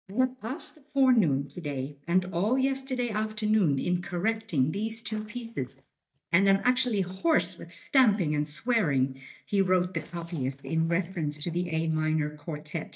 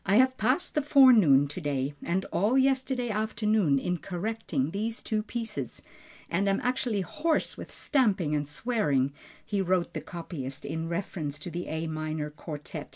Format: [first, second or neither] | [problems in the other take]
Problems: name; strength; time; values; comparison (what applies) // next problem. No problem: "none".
second | noise reduction (neural mask model DeepFilterNet 3)